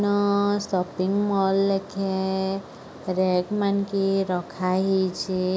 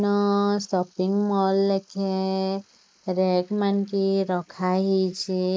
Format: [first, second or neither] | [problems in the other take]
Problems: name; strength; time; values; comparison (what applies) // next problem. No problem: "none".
first | noise reduction (neural mask model Resemble Enhance denoiser)